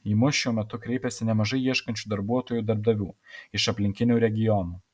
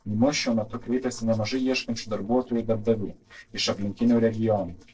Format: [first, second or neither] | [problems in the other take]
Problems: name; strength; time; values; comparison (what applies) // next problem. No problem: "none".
first | noise reduction (neural separator model SepFormer DNS4)